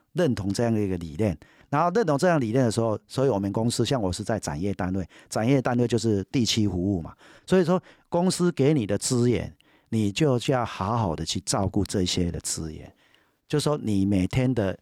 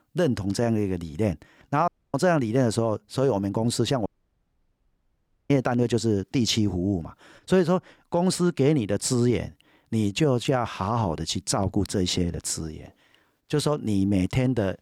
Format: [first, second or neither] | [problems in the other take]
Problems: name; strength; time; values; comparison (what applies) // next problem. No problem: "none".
first | audio cutting out; at 2 s and at 4 s for 1.5 s